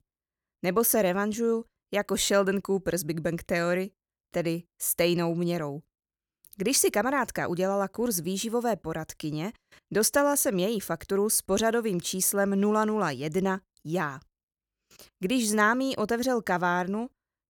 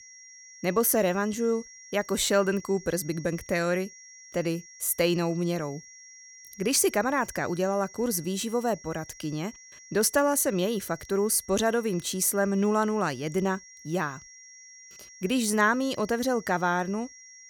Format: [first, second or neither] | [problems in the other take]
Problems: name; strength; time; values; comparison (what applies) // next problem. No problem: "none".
first | high-pitched whine; noticeable; throughout; 5.5 kHz, 20 dB below the speech